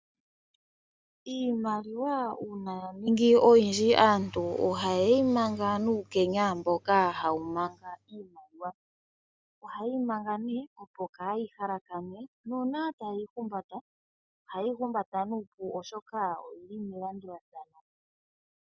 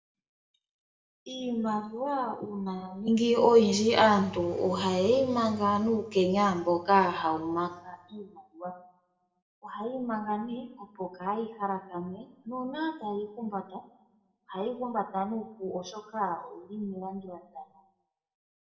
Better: first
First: none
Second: room echo; dies away in 0.6 s

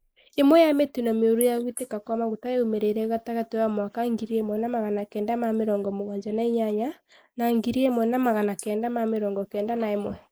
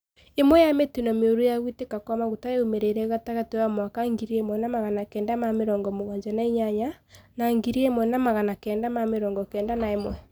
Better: second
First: noise reduction (neural mask model Resemble Enhance denoiser)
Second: none

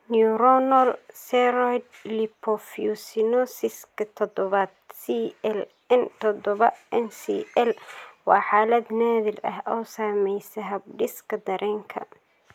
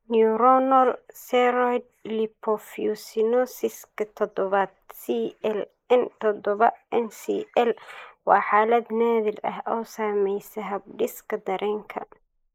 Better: first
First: none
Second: noise reduction (neural mask model Resemble Enhance denoiser)

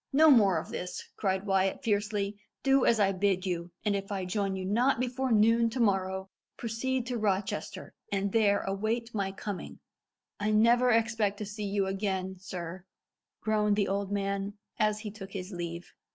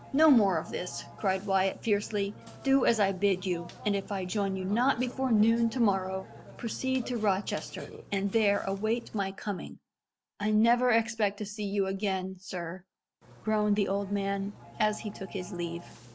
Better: first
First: none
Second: background sound (Burping, eructation); 19 dB below the speech

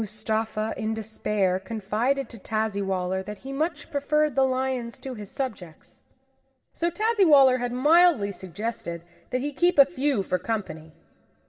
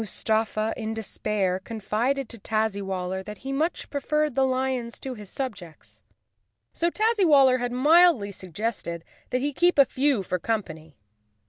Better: second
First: room echo; dies away in 1 s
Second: none

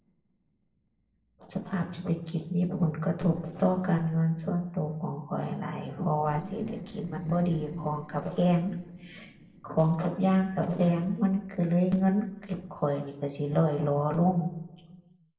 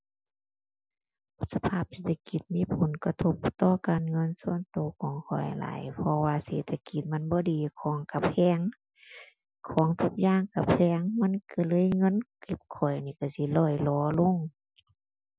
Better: second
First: noise reduction (neural separator model SepFormer DNS4)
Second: none

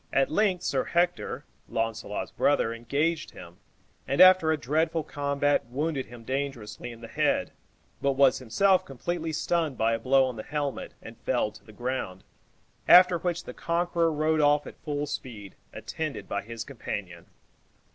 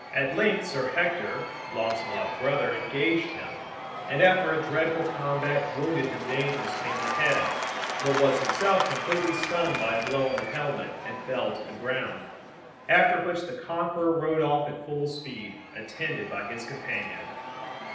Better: first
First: none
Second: background sound (Applause / Crowd / Cheering); 7 dB below the speech // room echo; dies away in 0.9 s

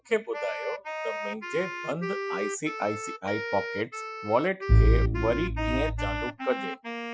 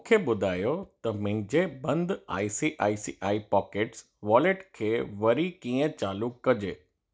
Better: second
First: noise reduction (classical method Wiener filter)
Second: none

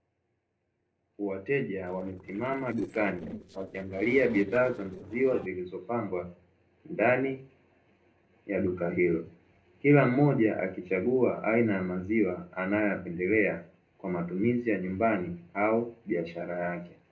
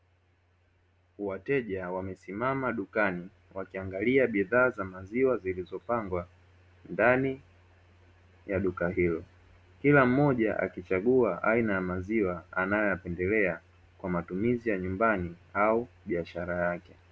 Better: second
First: noise reduction (neural separator model SepFormer DNS4)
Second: none

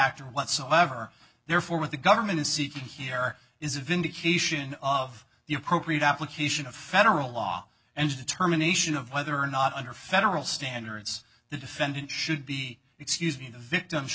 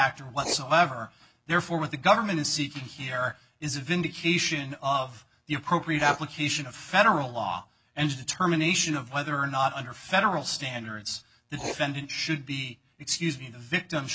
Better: first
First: none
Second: background sound (Writing); 19 dB below the speech

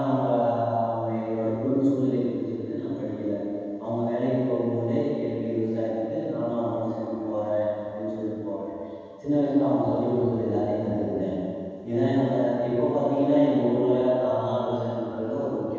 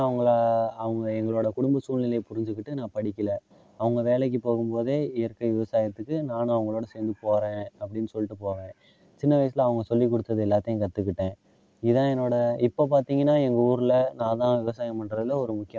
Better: second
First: room echo; dies away in 2.1 s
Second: none

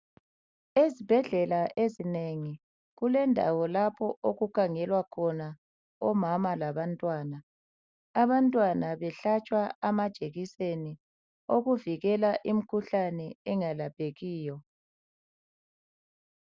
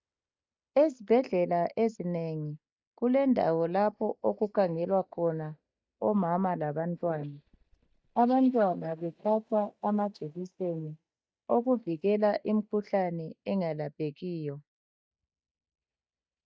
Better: first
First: none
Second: noise reduction (neural mask model DeepFilterNet 3)

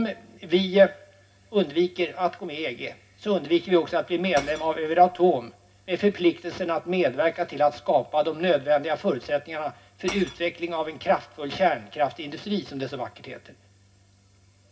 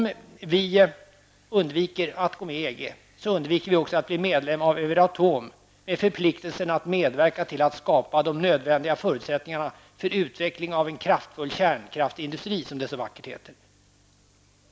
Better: second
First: background sound (Shatter / Crushing); 20 dB below the speech // room echo; dies away in 0.4 s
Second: none

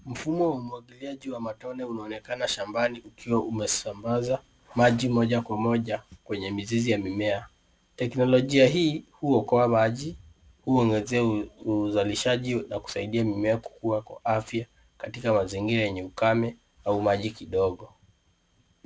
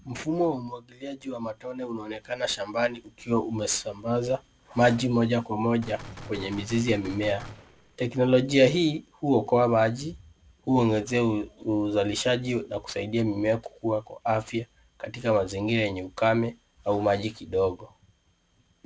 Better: first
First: none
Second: background sound (Gunshot, gunfire); 16 dB below the speech

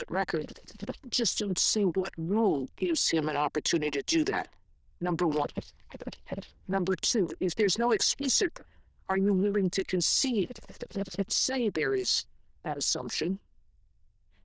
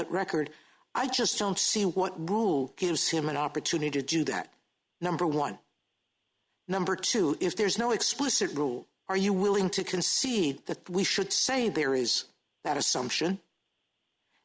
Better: second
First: noise reduction (neural diffusion model UNIVERSE++)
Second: none

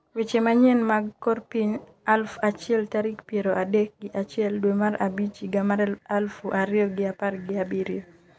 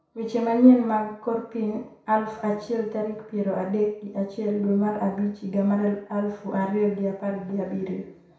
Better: first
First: none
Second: room echo; dies away in 0.6 s

